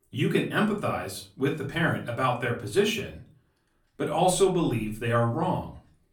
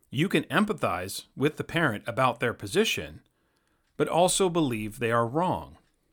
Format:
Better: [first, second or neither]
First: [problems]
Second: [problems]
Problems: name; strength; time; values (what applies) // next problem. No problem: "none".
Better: second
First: off-mic speech; far // room echo; very slight; dies away in 0.3 s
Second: none